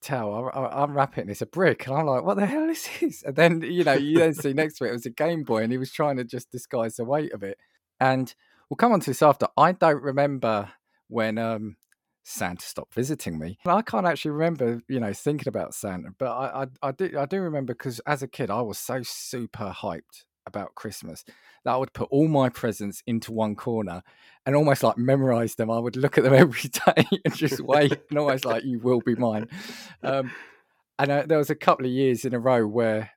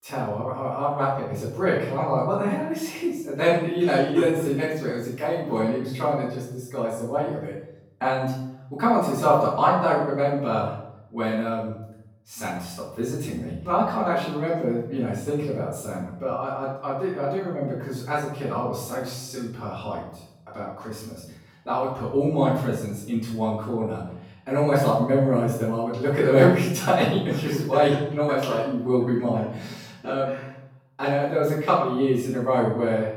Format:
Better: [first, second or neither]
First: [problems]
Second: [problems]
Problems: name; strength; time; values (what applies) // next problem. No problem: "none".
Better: first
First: none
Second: off-mic speech; far // room echo; noticeable; dies away in 0.7 s